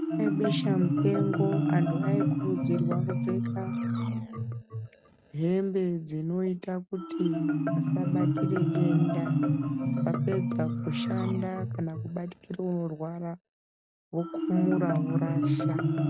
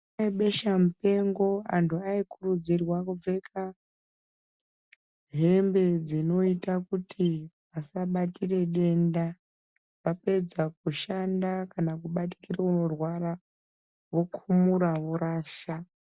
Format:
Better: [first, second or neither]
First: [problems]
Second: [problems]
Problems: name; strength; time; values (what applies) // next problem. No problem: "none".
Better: second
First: background sound (Marimba, xylophone); 3 dB above the speech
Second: none